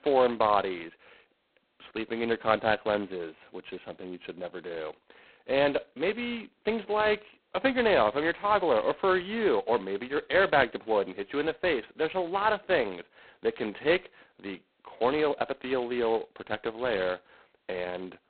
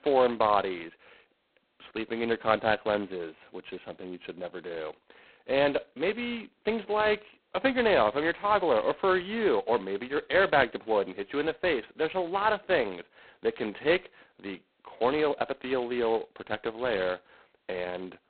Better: neither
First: phone-call audio; poor line; nothing above 4 kHz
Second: phone-call audio; poor line; nothing above 4 kHz

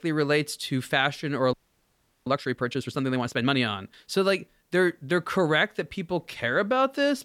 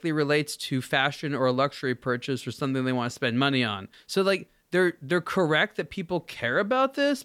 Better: second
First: audio freezing; at 1.5 s for 0.5 s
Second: none

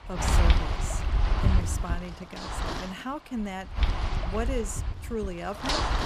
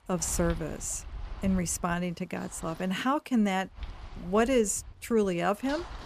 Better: second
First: wind noise on the microphone; heavy; 3 dB above the speech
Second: wind noise on the microphone; occasional gusts; 20 dB below the speech

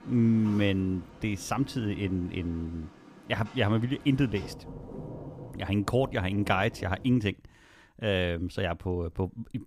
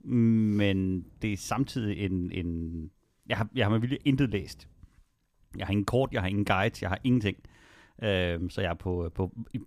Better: second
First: rain or running water; noticeable; until 7 s; 15 dB below the speech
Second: none

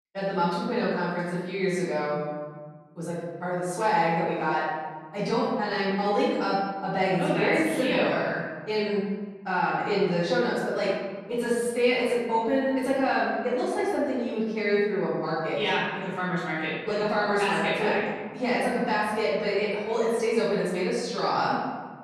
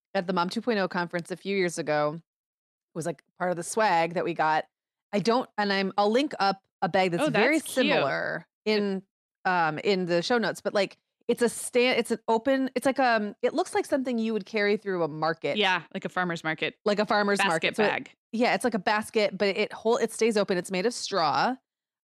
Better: second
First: room echo; strong; dies away in 1.5 s // off-mic speech; far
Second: none

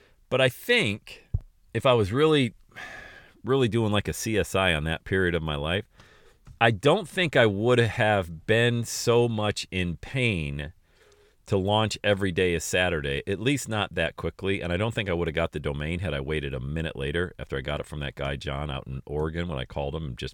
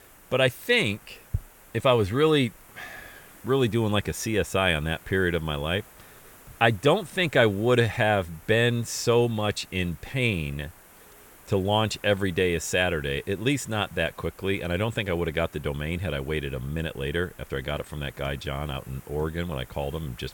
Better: first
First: none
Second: hiss; faint; throughout; 25 dB below the speech

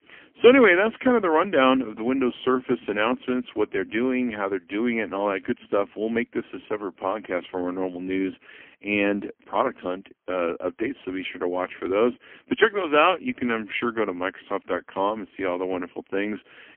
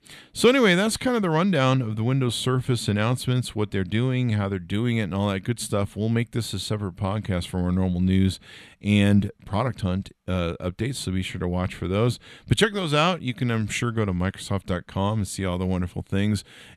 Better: second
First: phone-call audio; poor line; nothing above 3 kHz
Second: none

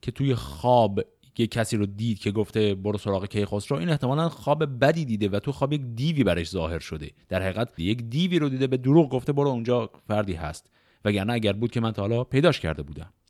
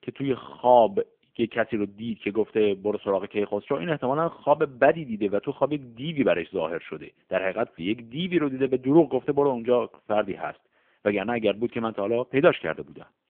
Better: first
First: none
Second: phone-call audio; poor line; nothing above 3.5 kHz

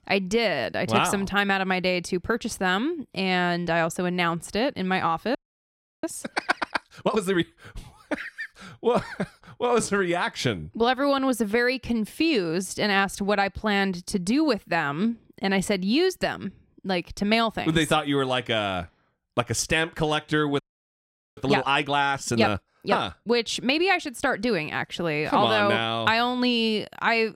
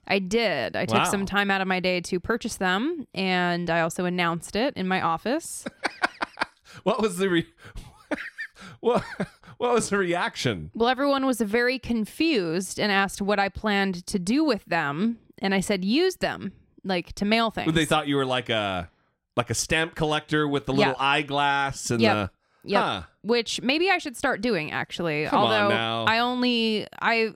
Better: second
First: audio freezing; at 5.5 s for 0.5 s and at 21 s for 1 s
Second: none

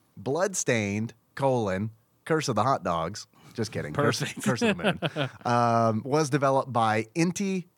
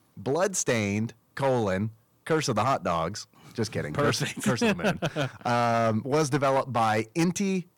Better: first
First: none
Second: distortion; slight; 4% of the sound clipped

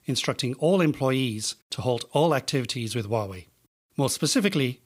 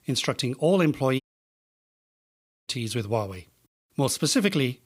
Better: first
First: none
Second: audio cutting out; at 1 s for 1.5 s

